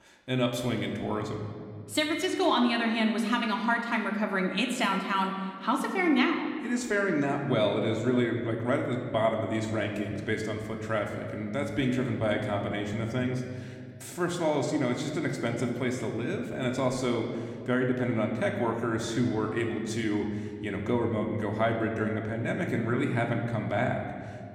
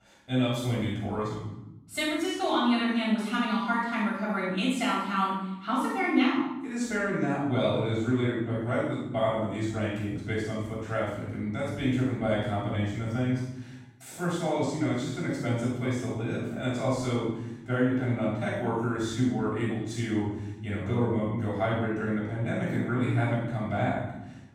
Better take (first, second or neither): first